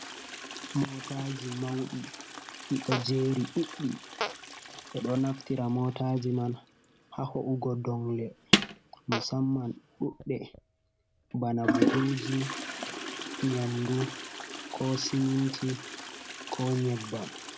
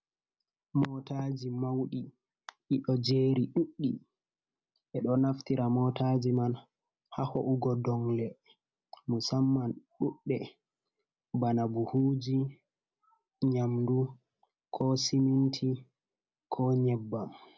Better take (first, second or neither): second